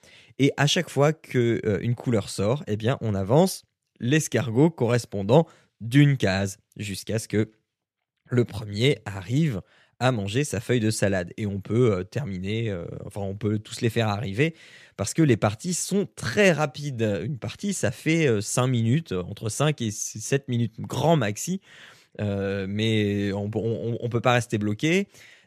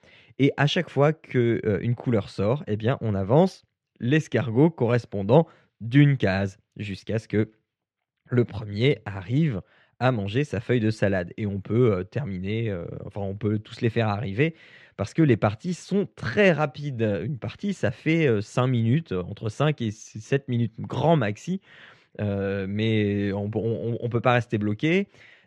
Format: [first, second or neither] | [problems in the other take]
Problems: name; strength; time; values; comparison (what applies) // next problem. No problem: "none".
first | muffled; slightly; fading above 3 kHz